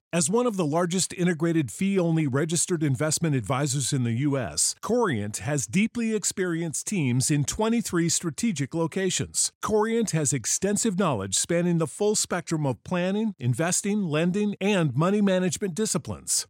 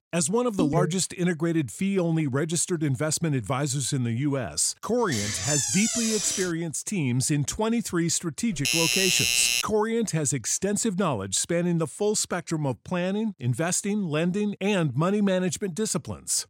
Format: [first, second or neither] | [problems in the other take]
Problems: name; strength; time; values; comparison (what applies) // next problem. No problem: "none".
first | phone ringing; noticeable; at 0.5 s; peak 1 dB below the speech // door banging; loud; from 5 to 6.5 s; peak 2 dB above the speech // doorbell; loud; from 8.5 to 9.5 s; peak 5 dB above the speech